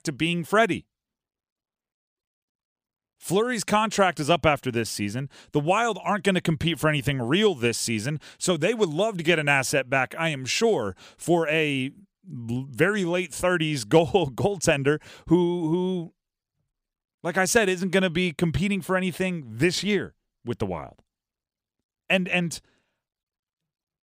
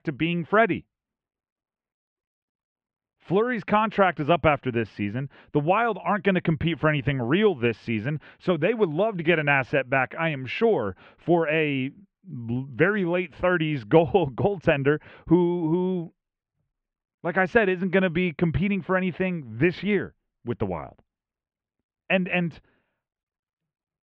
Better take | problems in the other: first | muffled; very; fading above 2.5 kHz

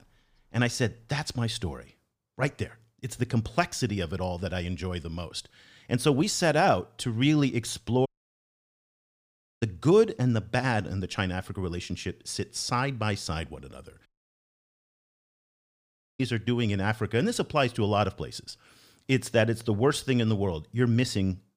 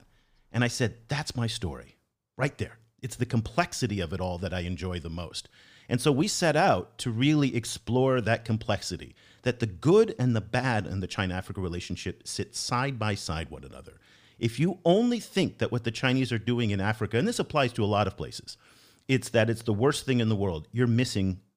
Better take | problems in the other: second | audio cutting out; at 8 s for 1.5 s and at 14 s for 2 s

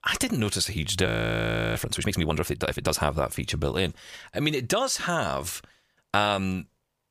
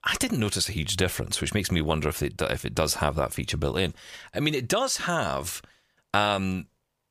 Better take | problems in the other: second | audio freezing; at 1 s for 0.5 s

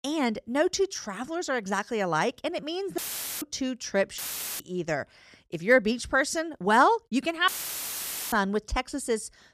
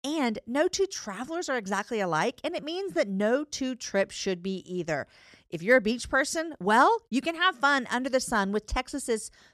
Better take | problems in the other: second | audio cutting out; filled with static; at 3 s, at 4 s and at 7.5 s for 1 s

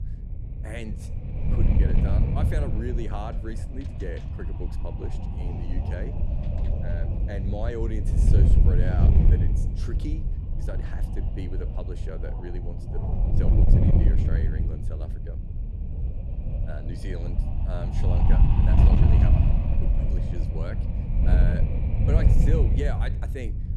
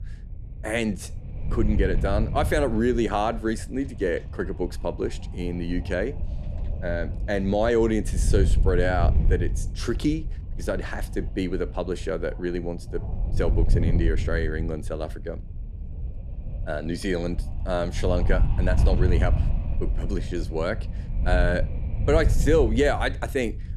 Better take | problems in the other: second | wind noise on the microphone; heavy; 1 dB above the speech; occasional gusts in the second

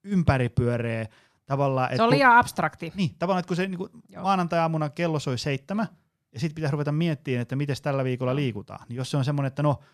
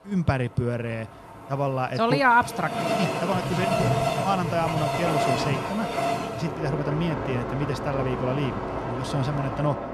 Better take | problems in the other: first | train or aircraft noise; loud; throughout; 1 dB below the speech

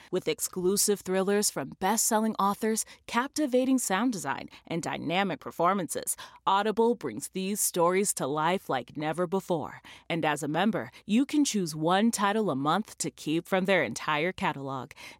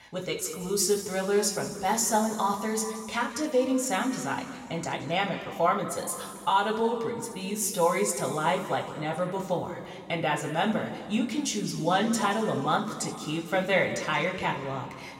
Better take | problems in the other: first | room echo; noticeable; dies away in 2.1 s // off-mic speech; somewhat distant

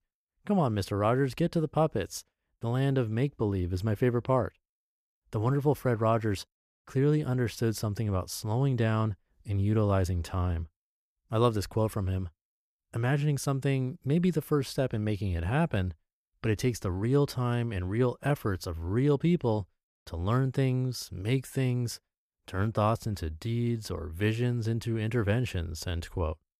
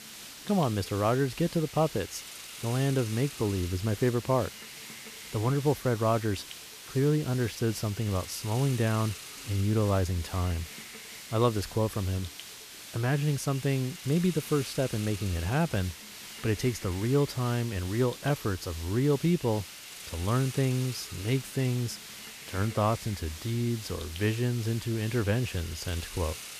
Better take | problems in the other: first | hiss; noticeable; throughout; 10 dB below the speech

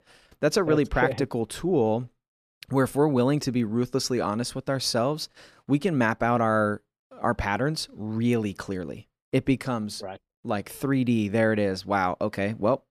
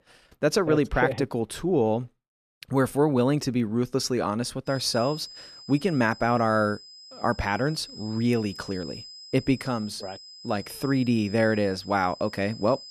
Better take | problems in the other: first | high-pitched whine; noticeable; from 4.5 s on; 5 kHz, 15 dB below the speech

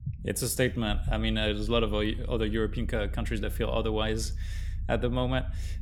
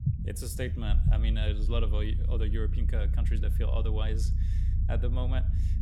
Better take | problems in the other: first | low rumble; loud; throughout; 7 dB below the speech; faint in the first

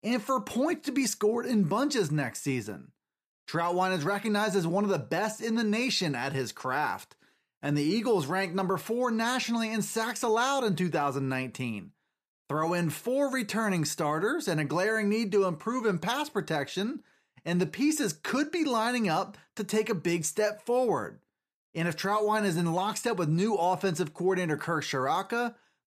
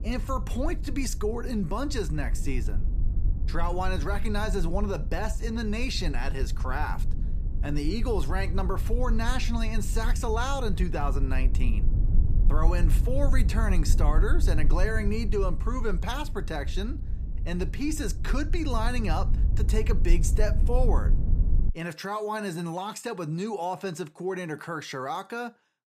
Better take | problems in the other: first | low rumble; noticeable; until 22 s; 15 dB below the speech

